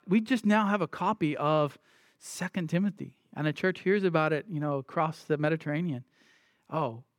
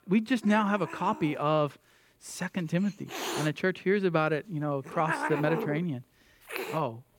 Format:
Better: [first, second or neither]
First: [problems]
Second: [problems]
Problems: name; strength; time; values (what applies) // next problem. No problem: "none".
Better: first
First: none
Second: hiss; loud; throughout; 7 dB below the speech